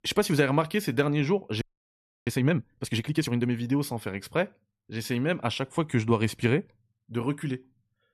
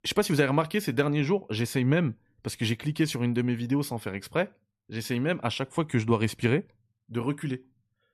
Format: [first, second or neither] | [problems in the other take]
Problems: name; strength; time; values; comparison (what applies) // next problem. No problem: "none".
second | audio freezing; at 1.5 s for 0.5 s